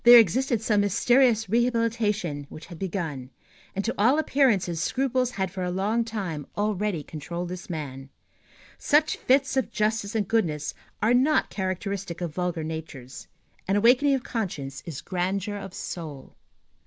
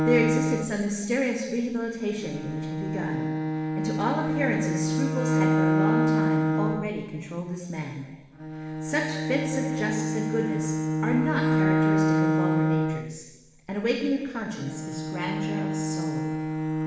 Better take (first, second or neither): first